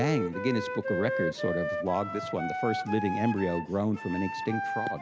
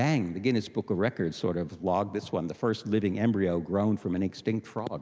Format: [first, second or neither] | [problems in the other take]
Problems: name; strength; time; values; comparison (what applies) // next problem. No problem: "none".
second | background sound (Wind instrument, woodwind instrument); 3 dB below the speech